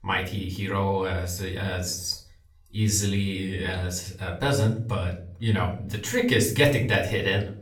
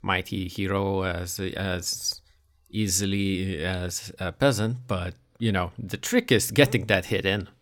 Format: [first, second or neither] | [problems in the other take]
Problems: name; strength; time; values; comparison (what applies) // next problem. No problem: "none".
second | off-mic speech; far // room echo; slight; dies away in 0.4 s